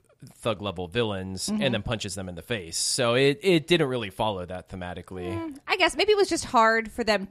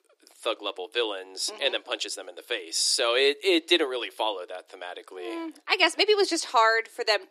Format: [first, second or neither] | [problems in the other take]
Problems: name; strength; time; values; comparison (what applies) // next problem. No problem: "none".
first | thin; very; fading below 300 Hz